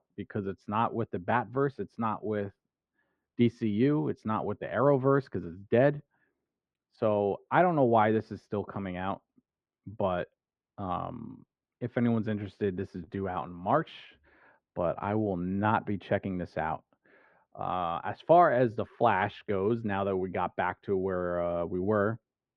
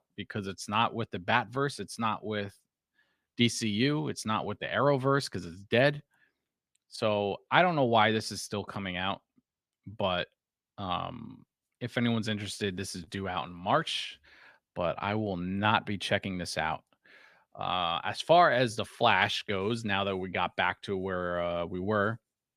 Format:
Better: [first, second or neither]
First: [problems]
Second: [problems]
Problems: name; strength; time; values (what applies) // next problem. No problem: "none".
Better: second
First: muffled; very; fading above 4 kHz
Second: none